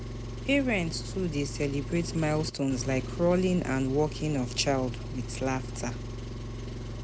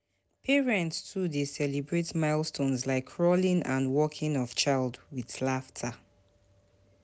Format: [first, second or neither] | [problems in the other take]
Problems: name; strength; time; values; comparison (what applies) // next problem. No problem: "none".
second | background sound (Engine); 6 dB below the speech